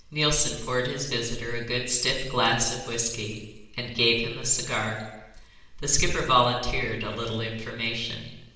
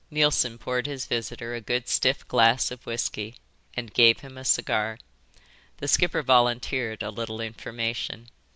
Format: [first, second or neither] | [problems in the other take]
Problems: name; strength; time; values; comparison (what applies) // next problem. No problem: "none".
second | room echo; dies away in 0.9 s